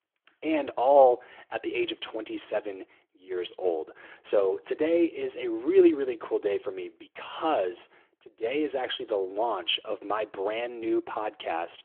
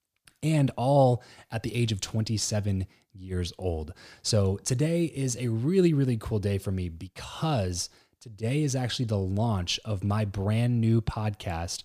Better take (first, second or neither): second